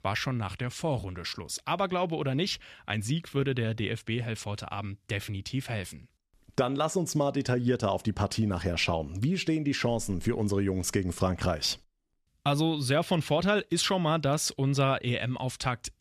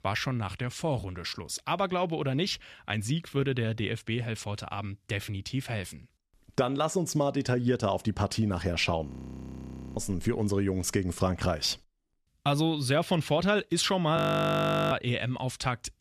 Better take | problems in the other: first | audio freezing; at 9 s for 1 s and at 14 s for 0.5 s

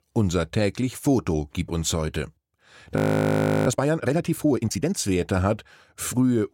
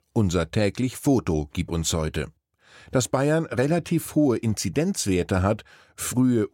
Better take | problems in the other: second | audio freezing; at 3 s for 0.5 s

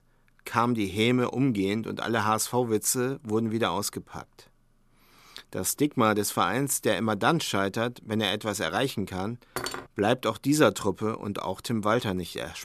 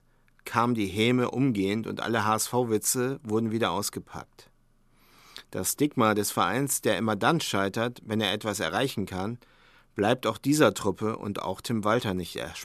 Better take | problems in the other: second | clattering dishes; noticeable; at 9.5 s; peak 7 dB below the speech

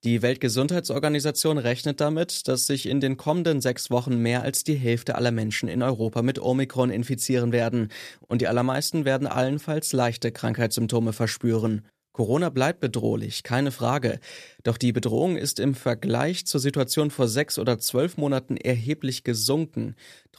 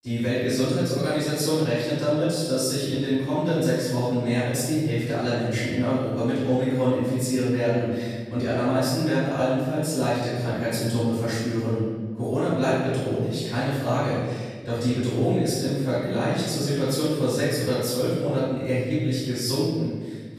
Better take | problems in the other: first | room echo; strong; dies away in 1.3 s // off-mic speech; far

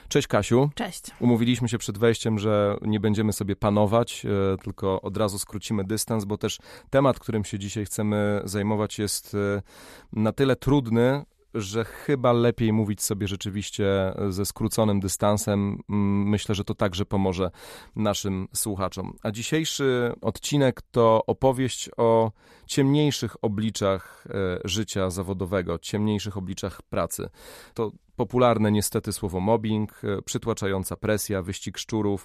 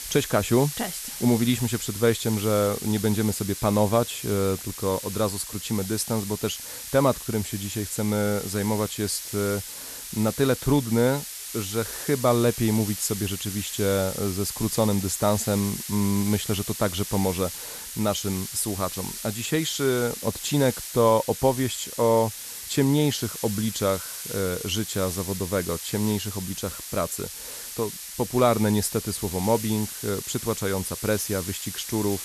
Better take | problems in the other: first | hiss; loud; throughout; 8 dB below the speech

